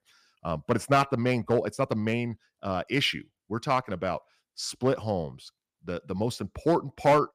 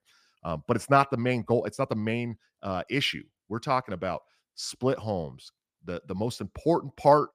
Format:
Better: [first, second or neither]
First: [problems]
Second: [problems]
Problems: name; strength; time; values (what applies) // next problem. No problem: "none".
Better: second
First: distortion; slight; 1.3% of the sound clipped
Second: none